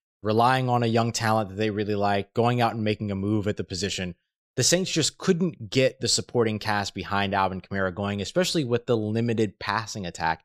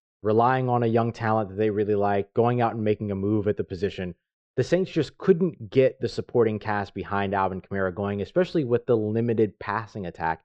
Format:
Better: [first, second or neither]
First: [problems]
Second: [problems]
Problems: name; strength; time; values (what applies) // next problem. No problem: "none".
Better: first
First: none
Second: muffled; very; fading above 2 kHz